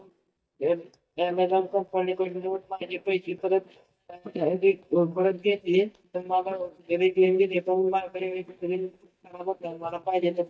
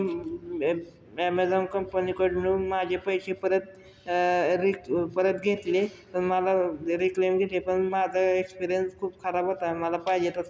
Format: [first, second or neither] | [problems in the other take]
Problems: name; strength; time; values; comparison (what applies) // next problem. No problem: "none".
second | noise reduction (neural mask model DeepFilterNet 3)